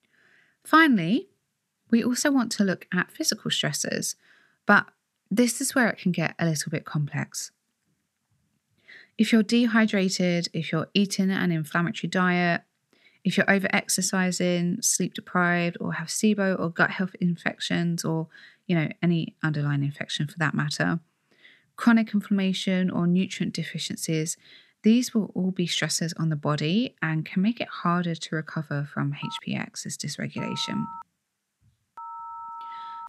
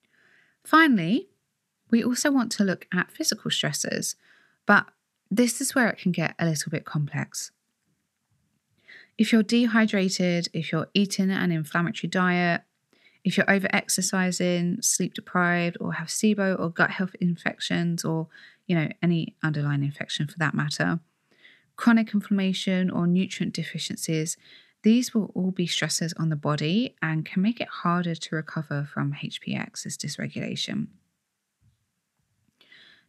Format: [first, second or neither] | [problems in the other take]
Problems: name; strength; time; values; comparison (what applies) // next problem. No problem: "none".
second | phone ringing; faint; from 29 s on; peak 15 dB below the speech